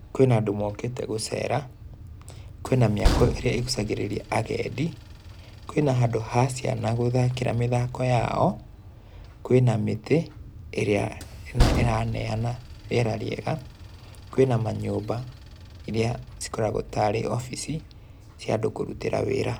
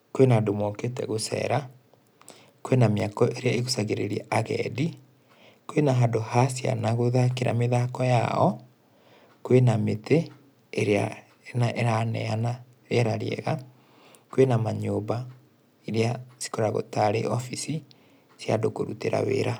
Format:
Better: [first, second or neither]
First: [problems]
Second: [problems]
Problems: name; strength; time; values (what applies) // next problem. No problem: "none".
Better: second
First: background sound (Train); 8 dB below the speech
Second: none